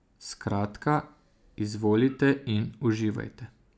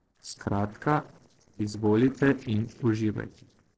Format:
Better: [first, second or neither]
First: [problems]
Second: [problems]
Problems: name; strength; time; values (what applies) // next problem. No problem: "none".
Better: first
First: none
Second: noise reduction (neural separator model SepFormer DNS4)